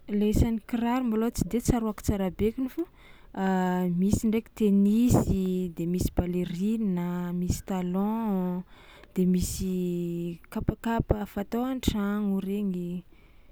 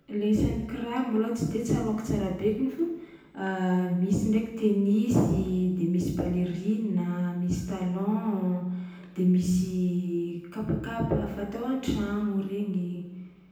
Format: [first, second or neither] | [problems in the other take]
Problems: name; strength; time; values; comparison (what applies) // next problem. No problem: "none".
first | room echo; dies away in 0.9 s